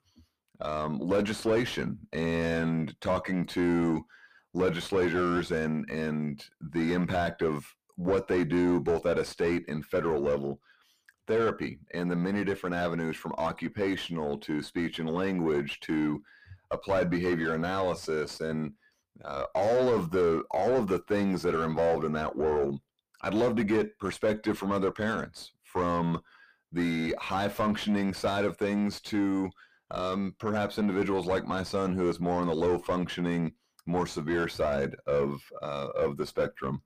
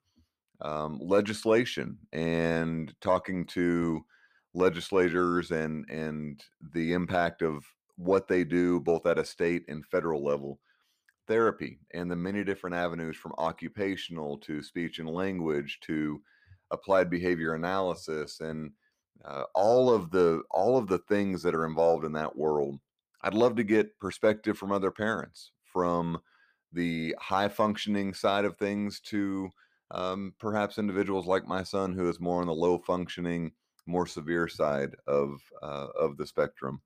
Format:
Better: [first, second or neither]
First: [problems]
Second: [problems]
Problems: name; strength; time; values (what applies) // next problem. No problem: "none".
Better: second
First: distortion; heavy; 7 dB below the speech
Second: none